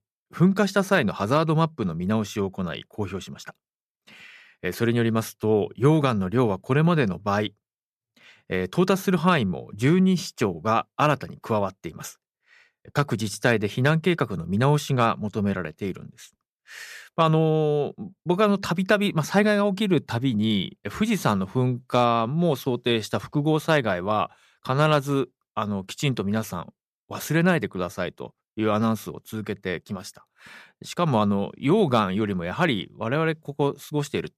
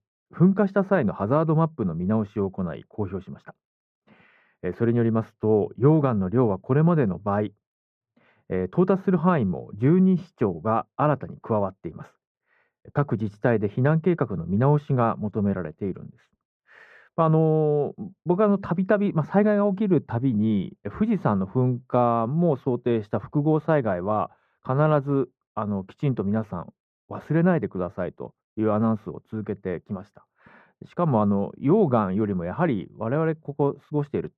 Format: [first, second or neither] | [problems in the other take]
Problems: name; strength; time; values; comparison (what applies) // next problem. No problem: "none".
first | muffled; very; fading above 3 kHz